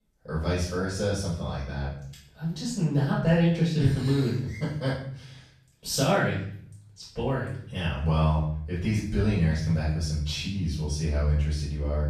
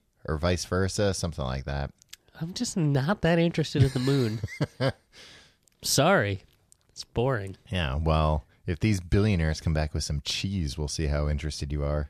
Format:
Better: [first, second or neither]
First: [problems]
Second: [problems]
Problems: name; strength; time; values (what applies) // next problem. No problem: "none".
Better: second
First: off-mic speech; far // room echo; noticeable; dies away in 0.6 s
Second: none